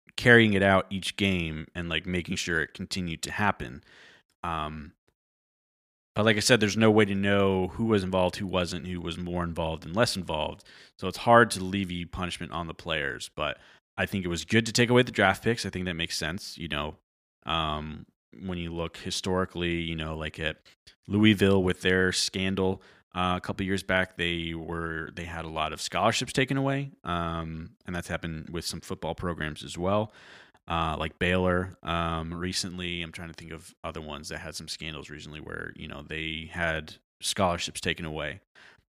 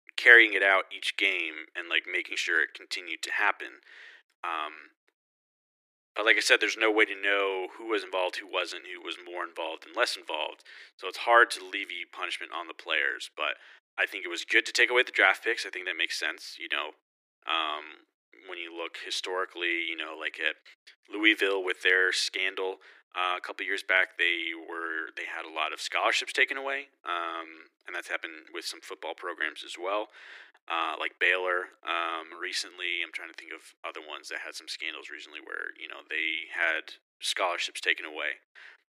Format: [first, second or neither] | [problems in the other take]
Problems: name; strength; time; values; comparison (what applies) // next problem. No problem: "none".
first | thin; very; fading below 300 Hz